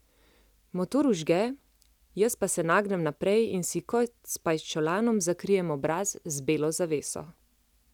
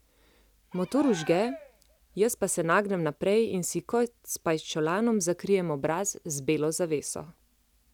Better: first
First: none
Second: background sound (Cheering); 17 dB below the speech

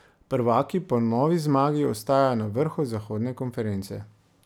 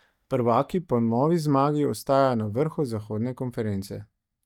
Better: first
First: none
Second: noise reduction (neural mask model DeepFilterNet 3)

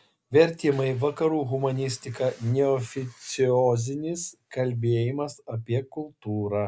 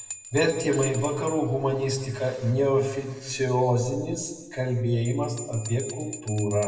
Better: first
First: none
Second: background sound (Bell); 15 dB below the speech // room echo; dies away in 1.2 s

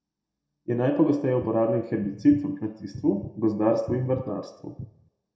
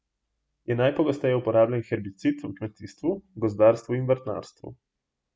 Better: second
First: background sound (Bass guitar); 15 dB below the speech // room echo; dies away in 0.5 s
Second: none

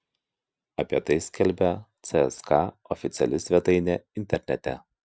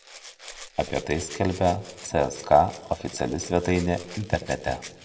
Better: first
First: none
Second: background sound (Rattle (instrument)); 18 dB below the speech // room echo; dies away in 0.6 s

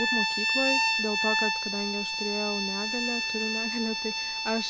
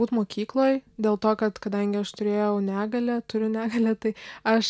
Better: second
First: background sound (Bowed string instrument); 4 dB above the speech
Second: none

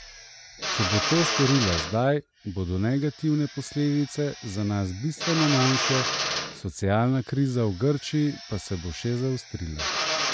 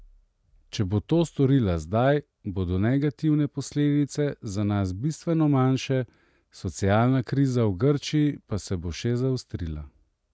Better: second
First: background sound (Drill); 5 dB below the speech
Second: none

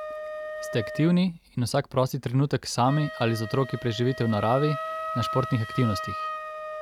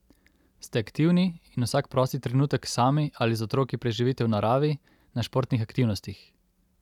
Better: second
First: background sound (Wind instrument, woodwind instrument); 9 dB below the speech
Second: none

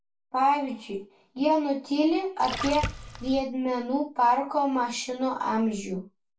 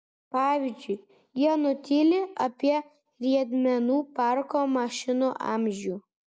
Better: second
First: background sound (Splash, splatter); 7 dB below the speech // room echo; dies away in 0.2 s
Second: none

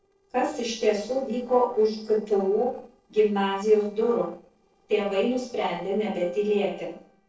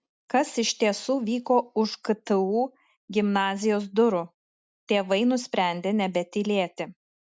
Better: second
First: noise reduction (neural separator model SepFormer DNS4)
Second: none

